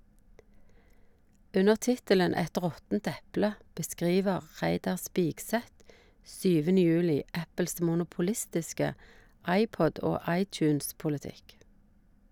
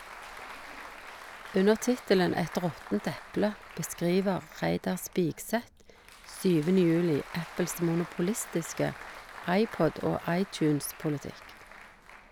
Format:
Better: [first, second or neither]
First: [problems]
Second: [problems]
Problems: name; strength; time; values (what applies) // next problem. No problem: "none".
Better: first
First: none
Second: background sound (Applause); 16 dB below the speech